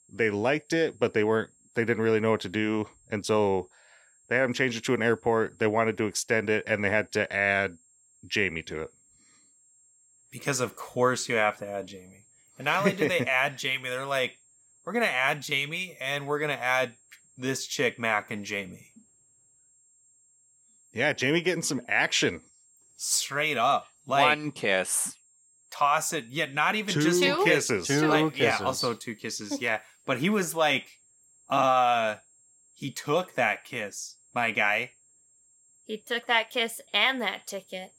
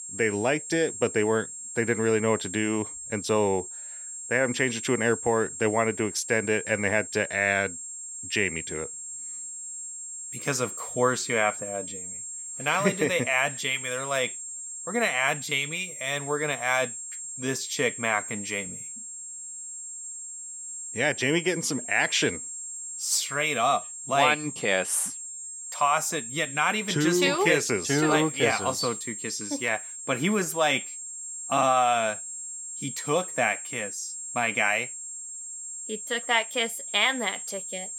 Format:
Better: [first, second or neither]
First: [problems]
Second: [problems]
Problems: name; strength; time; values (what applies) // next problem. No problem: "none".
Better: first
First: high-pitched whine; faint; throughout; 7.5 kHz, 35 dB below the speech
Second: high-pitched whine; loud; throughout; 7.5 kHz, 9 dB below the speech